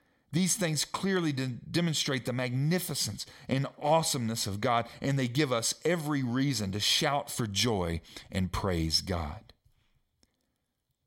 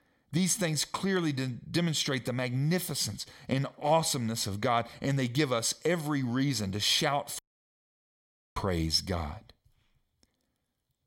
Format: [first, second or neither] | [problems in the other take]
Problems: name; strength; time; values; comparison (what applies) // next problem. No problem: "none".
first | audio cutting out; at 7.5 s for 1 s